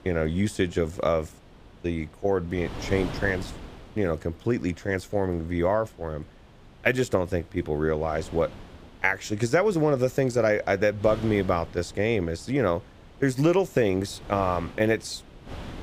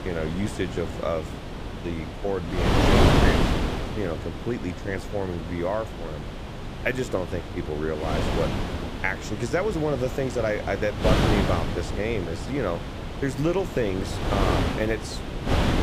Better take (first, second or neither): first